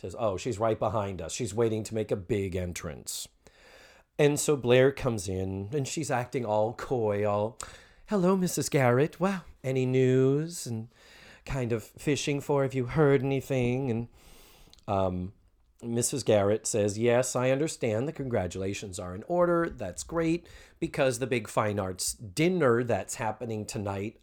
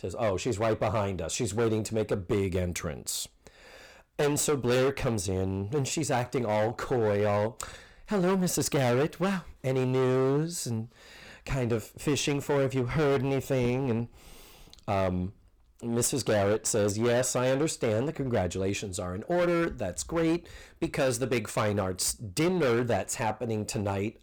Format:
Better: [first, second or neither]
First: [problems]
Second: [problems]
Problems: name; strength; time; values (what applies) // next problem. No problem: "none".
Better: first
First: none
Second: distortion; heavy; 14% of the sound clipped